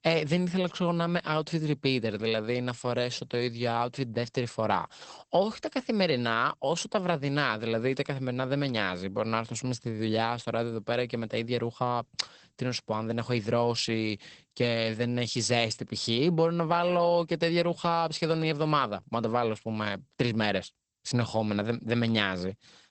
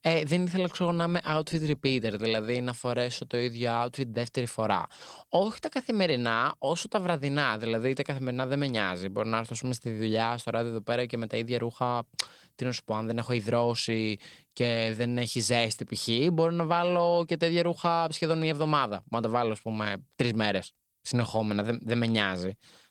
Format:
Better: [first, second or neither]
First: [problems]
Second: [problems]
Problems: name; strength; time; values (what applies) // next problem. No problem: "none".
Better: second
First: garbled, watery; badly; nothing above 8 kHz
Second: garbled, watery; slightly; nothing above 19 kHz